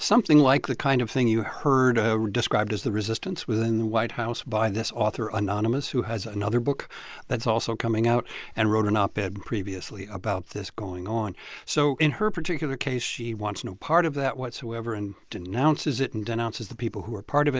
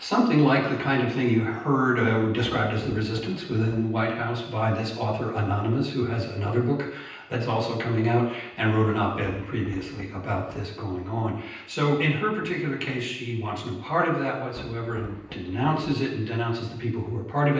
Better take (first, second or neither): first